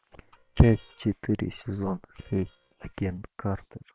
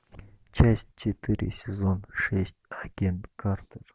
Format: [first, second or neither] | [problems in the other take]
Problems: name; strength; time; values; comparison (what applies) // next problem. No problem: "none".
second | noise reduction (neural separator model SepFormer WHAM!)